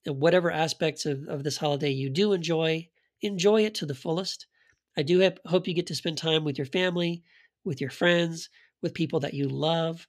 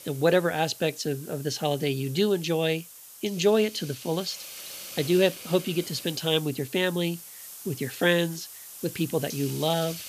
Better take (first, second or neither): first